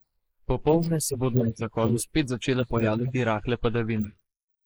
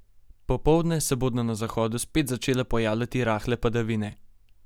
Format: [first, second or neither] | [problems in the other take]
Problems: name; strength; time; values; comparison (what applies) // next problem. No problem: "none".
second | noise reduction (neural mask model Resemble Enhance denoiser)